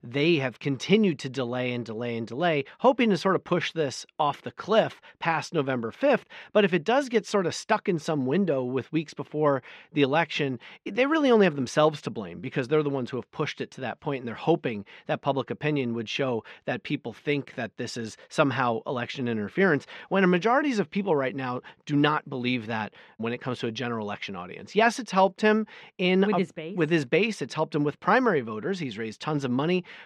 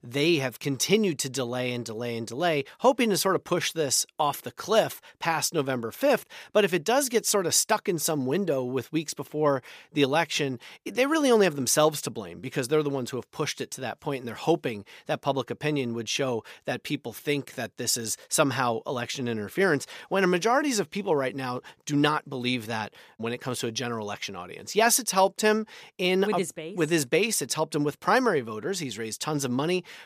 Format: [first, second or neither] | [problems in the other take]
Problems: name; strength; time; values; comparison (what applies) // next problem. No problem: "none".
second | muffled; slightly; fading above 2.5 kHz